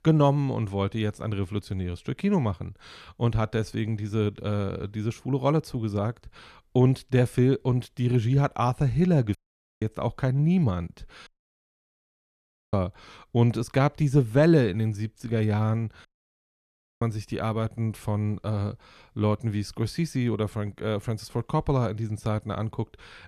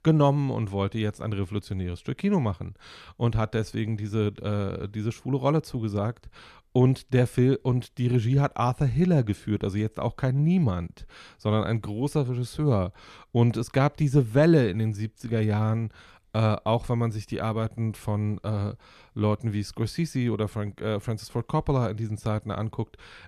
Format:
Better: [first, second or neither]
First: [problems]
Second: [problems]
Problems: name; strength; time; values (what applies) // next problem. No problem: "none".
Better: second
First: audio cutting out; at 9.5 s, at 11 s for 1.5 s and at 16 s for 1 s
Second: none